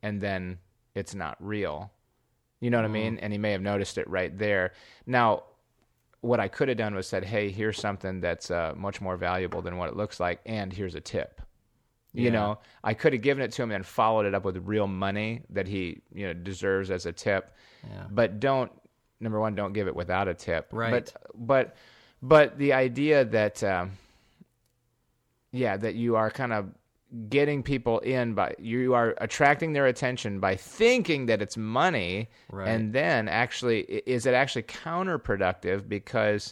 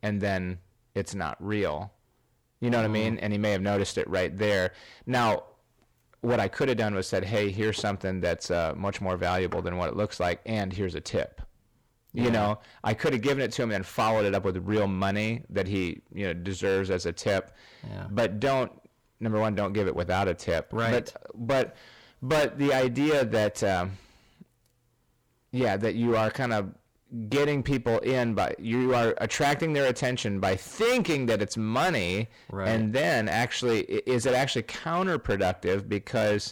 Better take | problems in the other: first | distortion; heavy; 10% of the sound clipped

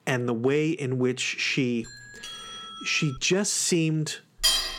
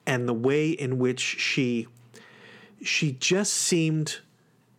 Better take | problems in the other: second | doorbell; faint; from 2 to 3.5 s; peak 10 dB below the speech // clattering dishes; loud; at 4.5 s; peak 4 dB above the speech

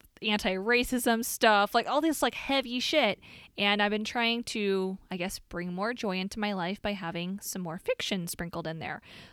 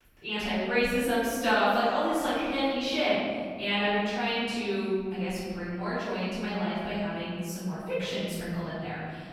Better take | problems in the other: first | off-mic speech; far // room echo; strong; dies away in 1.8 s

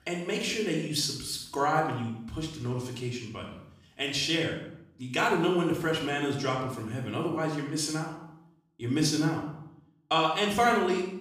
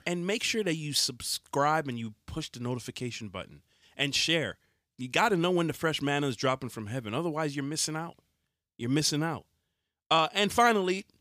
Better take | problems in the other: second | off-mic speech; far // room echo; noticeable; dies away in 0.7 s

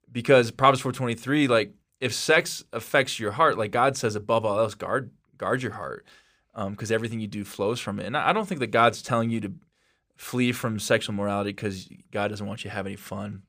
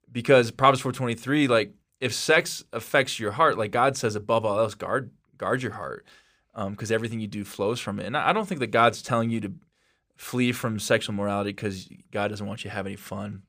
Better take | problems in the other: neither | none

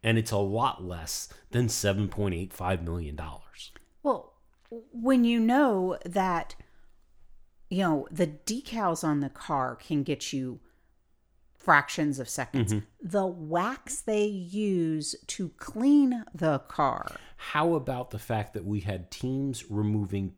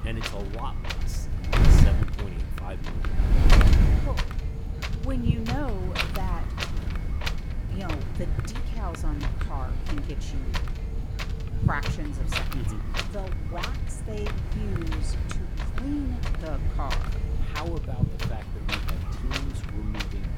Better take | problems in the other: first | wind noise on the microphone; heavy; 4 dB above the speech

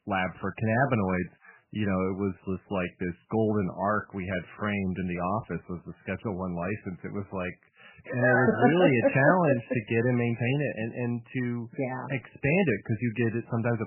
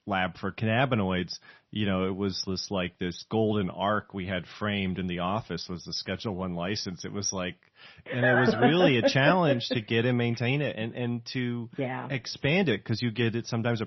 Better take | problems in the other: second | garbled, watery; badly; nothing above 3 kHz; slightly in the second

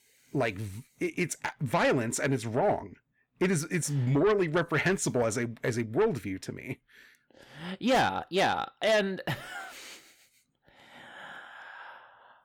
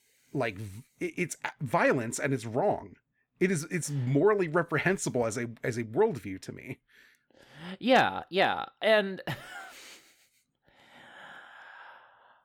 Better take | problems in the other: second | distortion; slight; 10 dB below the speech

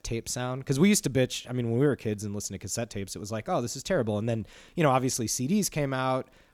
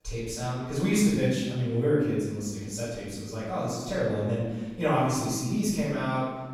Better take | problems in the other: first | off-mic speech; far // room echo; strong; dies away in 1.2 s

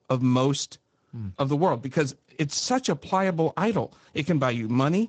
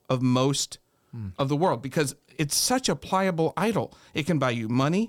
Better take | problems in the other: second | garbled, watery; slightly; nothing above 7.5 kHz

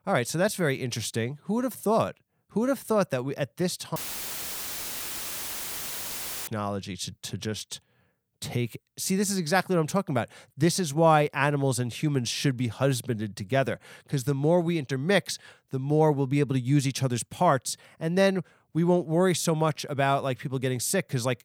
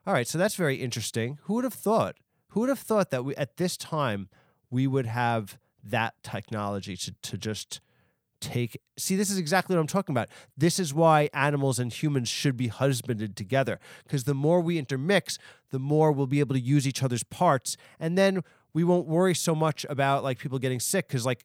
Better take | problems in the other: second | audio cutting out; filled with static; at 4 s for 2.5 s

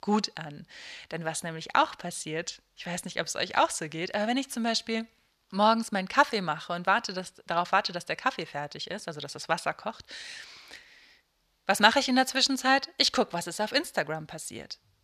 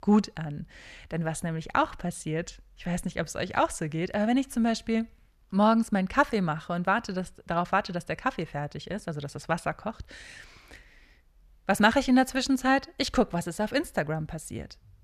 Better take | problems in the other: second | thin; very slightly; fading below 450 Hz

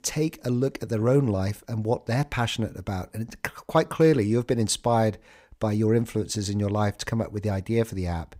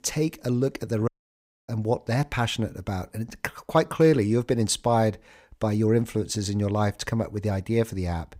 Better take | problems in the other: first | audio cutting out; at 1 s for 0.5 s

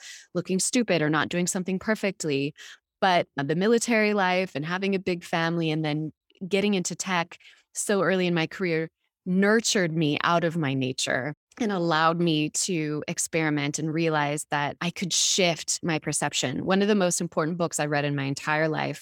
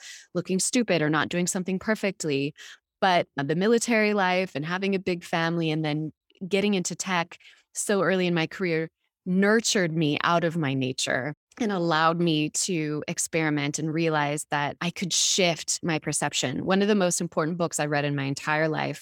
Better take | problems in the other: neither | none

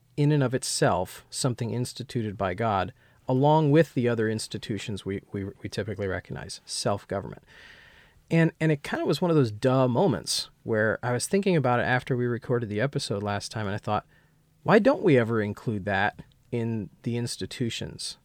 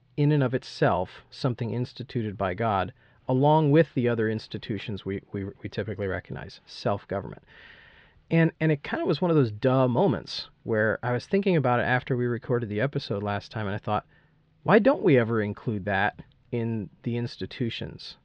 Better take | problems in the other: first | muffled; slightly; fading above 4 kHz

